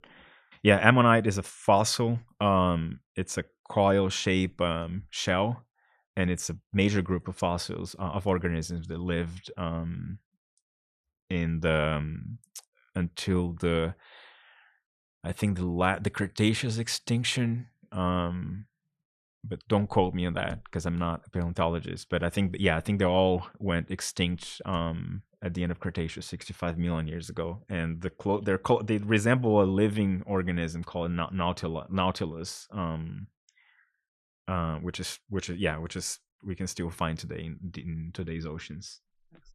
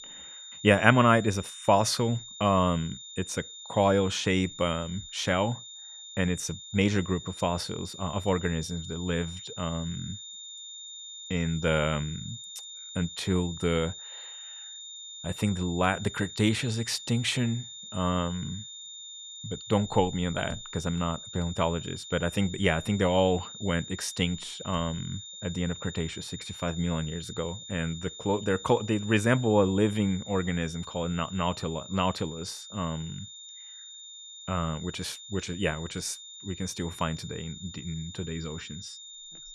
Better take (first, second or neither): first